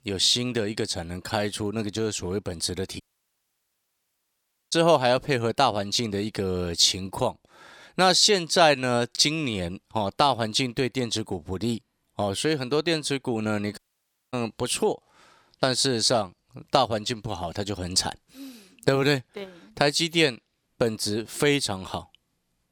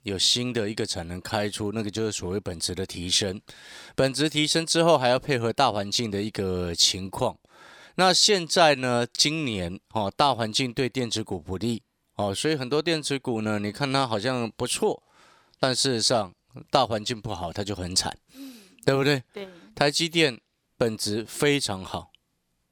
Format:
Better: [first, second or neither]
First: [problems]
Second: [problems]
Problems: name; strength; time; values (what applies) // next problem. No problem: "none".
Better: second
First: audio cutting out; at 3 s for 1.5 s and at 14 s for 0.5 s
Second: none